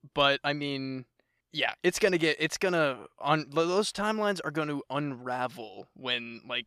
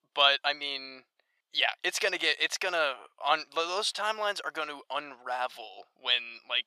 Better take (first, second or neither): first